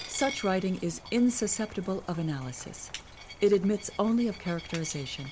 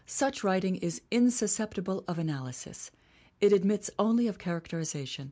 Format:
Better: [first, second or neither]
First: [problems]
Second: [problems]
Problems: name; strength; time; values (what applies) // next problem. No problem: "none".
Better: second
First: background sound (Rain + Coin (dropping)); 14 dB below the speech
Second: none